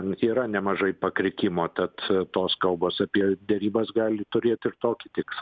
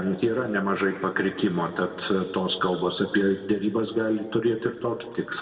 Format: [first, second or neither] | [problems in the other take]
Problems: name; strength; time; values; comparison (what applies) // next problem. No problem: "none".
first | room echo; dies away in 1.7 s